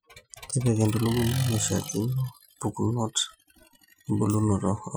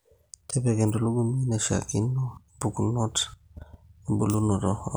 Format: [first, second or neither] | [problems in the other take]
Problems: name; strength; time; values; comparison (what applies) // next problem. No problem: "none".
second | noise reduction (classical method Wiener filter)